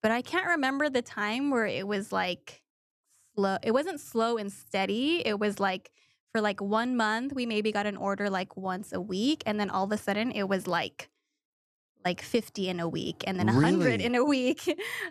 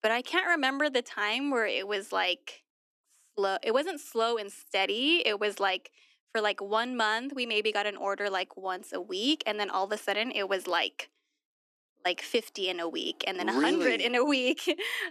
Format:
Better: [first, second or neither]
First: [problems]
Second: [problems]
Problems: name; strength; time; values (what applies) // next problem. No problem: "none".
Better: first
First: none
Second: thin; very slightly; fading below 250 Hz